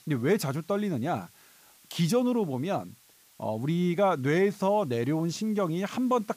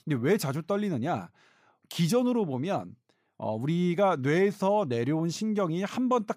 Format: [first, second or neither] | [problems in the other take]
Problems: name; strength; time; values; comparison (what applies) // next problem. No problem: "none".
second | hiss; faint; throughout; 30 dB below the speech